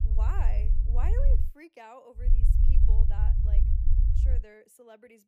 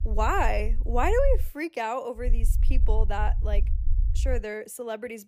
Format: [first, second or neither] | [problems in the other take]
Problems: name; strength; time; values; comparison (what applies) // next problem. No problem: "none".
second | low rumble; loud; until 1.5 s and from 2 to 4.5 s; 3 dB below the speech; faint in the second